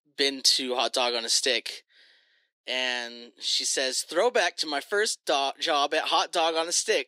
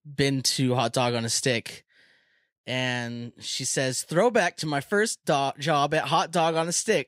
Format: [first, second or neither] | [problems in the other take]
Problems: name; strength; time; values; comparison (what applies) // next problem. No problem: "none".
second | thin; somewhat; fading below 300 Hz